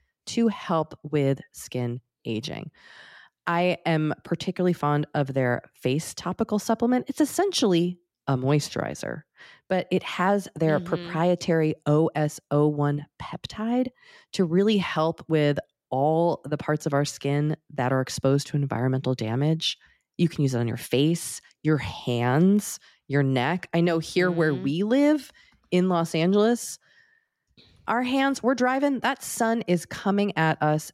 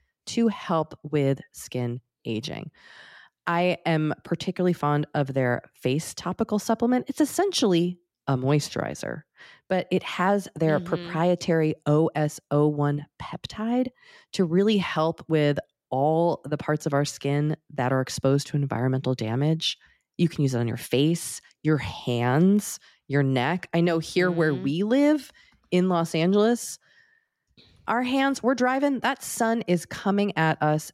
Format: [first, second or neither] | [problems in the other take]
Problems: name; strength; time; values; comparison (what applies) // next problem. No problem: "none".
neither | none